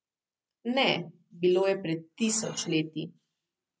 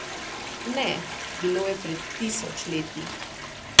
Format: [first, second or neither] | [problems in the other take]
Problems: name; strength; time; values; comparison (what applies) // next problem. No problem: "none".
first | background sound (Toilet flush); 4 dB above the speech